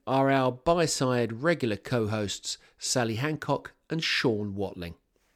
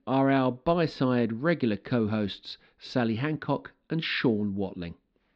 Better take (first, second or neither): first